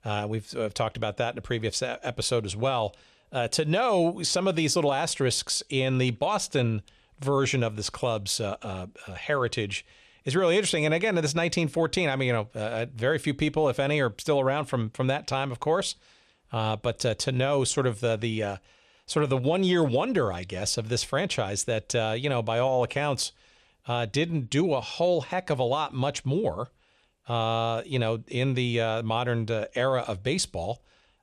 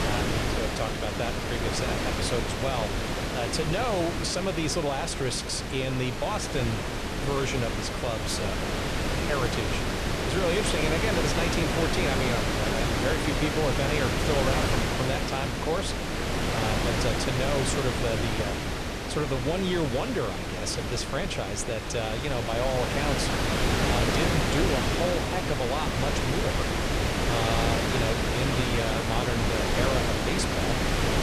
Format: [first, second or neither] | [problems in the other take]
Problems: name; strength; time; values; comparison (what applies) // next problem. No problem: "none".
first | wind noise on the microphone; heavy; 2 dB above the speech